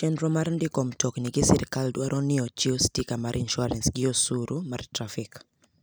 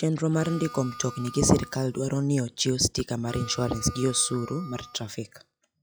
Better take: first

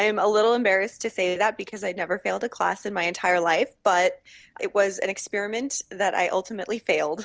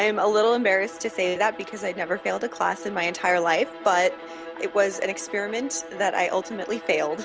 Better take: first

